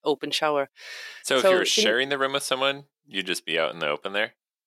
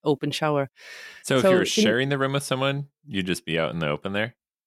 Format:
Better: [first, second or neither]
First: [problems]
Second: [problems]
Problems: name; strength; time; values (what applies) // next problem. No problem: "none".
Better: second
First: thin; somewhat; fading below 400 Hz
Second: none